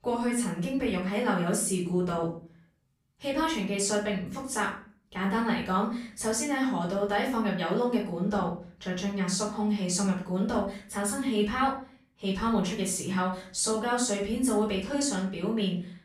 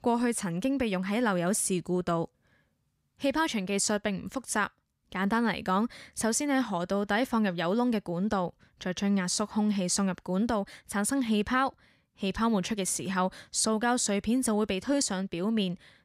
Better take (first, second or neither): second